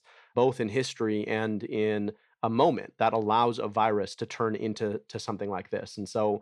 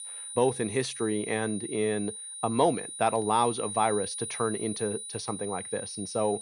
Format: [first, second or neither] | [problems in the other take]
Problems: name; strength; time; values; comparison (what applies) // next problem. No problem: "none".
first | high-pitched whine; loud; throughout; 9.5 kHz, 7 dB below the speech